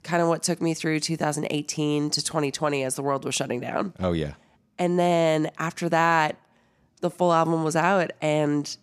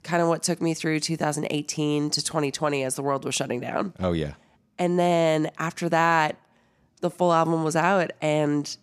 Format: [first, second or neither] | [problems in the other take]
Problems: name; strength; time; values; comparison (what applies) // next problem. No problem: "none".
neither | none